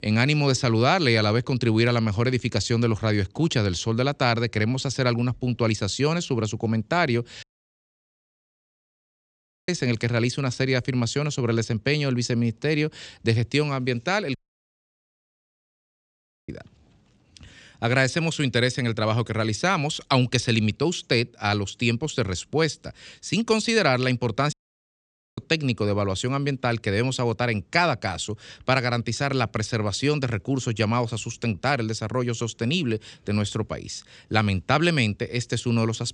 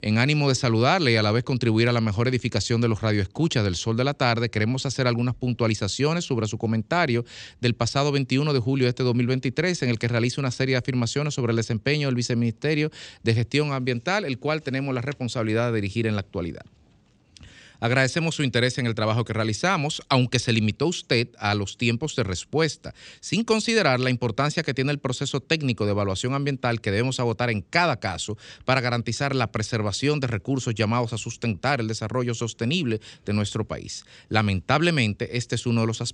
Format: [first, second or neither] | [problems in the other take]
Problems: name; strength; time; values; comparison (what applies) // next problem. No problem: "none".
second | audio cutting out; at 7.5 s for 2.5 s, at 14 s for 2 s and at 25 s for 1 s